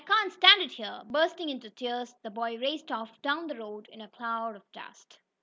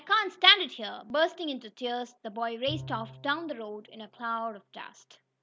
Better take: first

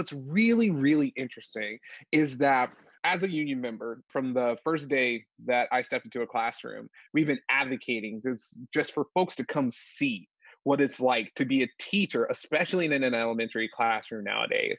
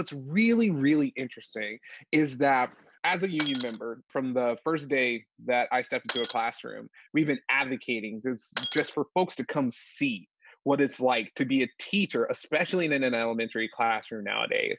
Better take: first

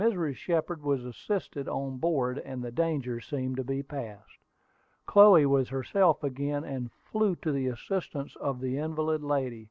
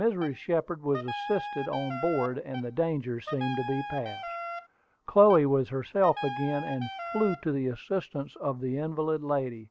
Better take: first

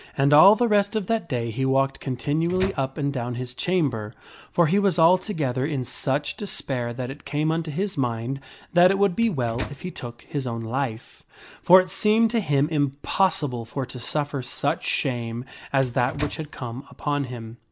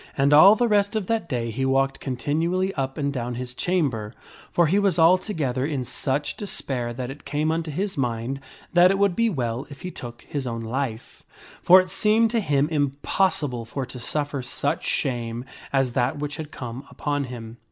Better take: second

